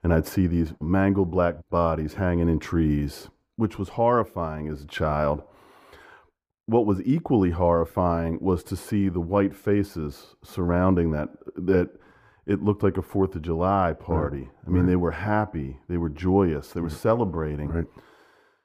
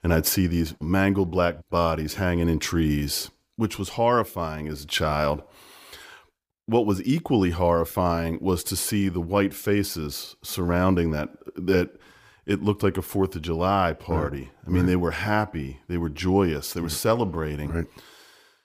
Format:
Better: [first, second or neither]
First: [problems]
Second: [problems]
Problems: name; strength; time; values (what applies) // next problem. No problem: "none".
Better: second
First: muffled; very; fading above 2 kHz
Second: none